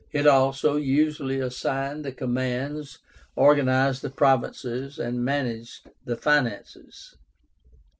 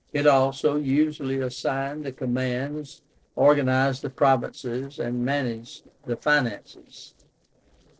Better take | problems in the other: first | noise reduction (neural separator model SepFormer DNS4)

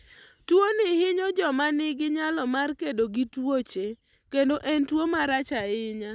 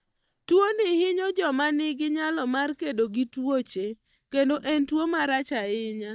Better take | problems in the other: first | noise reduction (neural mask model DeepFilterNet 3)

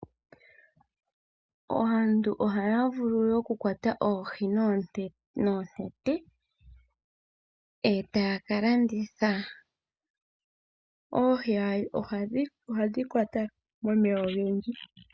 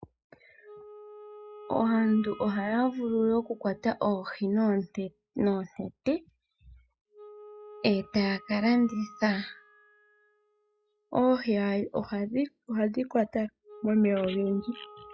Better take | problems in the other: first | noise reduction (classical method log-MMSE)

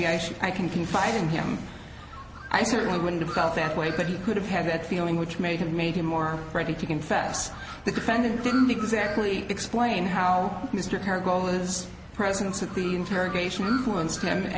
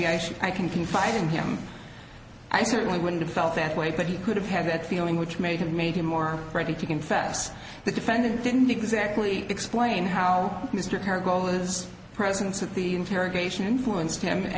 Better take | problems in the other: second | background sound (Bird); 15 dB below the speech

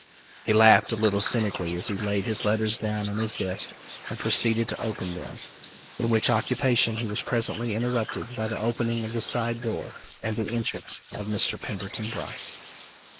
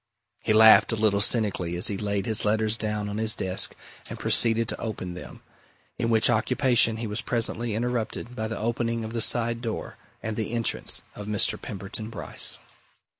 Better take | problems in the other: second | noise reduction (neural mask model Resemble Enhance denoiser)

